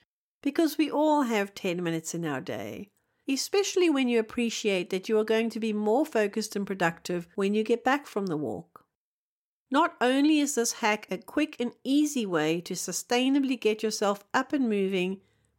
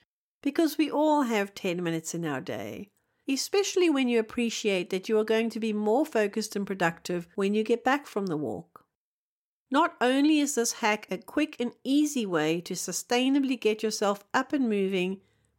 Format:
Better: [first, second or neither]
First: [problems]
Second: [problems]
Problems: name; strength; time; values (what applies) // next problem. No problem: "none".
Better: neither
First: none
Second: none